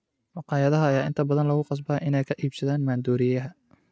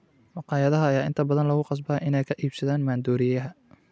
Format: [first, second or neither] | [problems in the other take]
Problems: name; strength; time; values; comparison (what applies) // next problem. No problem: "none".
second | noise reduction (neural mask model DeepFilterNet 3)